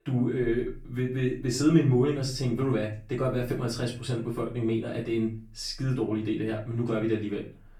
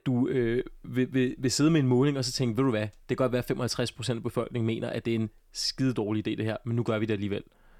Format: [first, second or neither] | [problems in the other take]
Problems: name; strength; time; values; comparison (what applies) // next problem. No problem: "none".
second | room echo; slight; dies away in 0.3 s // off-mic speech; far